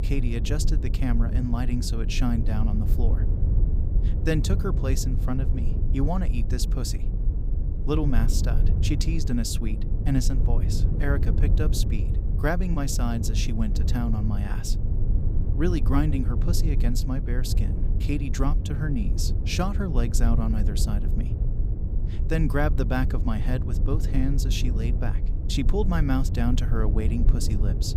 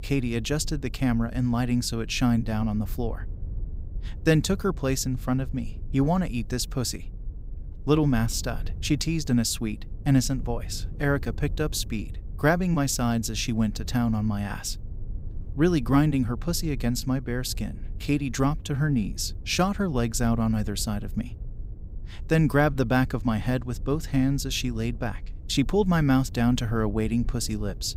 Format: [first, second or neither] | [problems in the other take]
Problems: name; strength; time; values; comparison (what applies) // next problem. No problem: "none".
second | low rumble; loud; throughout; 8 dB below the speech; faint in the second